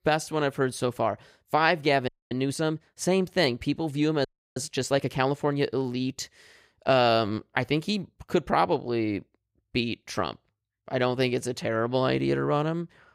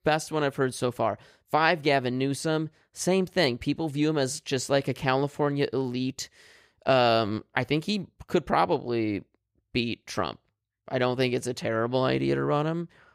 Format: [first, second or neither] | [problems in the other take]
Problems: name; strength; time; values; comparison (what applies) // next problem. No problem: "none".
second | audio freezing; at 2 s and at 4.5 s